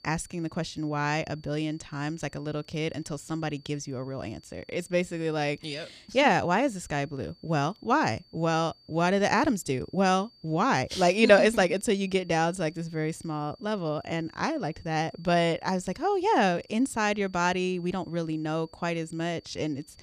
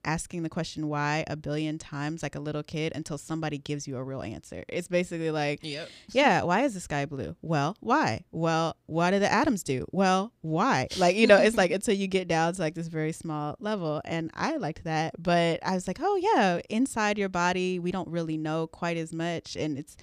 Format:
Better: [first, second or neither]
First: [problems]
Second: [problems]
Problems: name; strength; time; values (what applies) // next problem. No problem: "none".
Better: second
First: high-pitched whine; faint; throughout; 4.5 kHz, 30 dB below the speech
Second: none